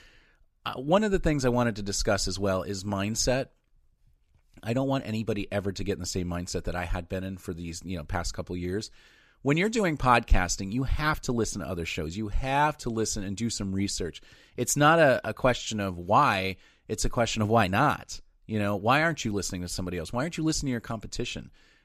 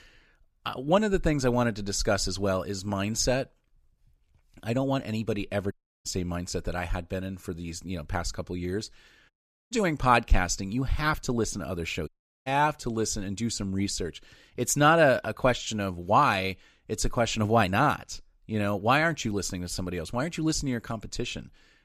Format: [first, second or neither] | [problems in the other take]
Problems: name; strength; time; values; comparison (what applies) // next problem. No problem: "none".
first | audio cutting out; at 5.5 s, at 9.5 s and at 12 s